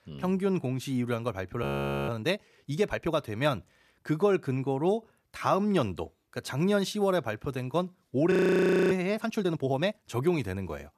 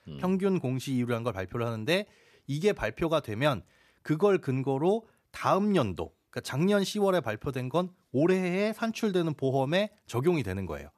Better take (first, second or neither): second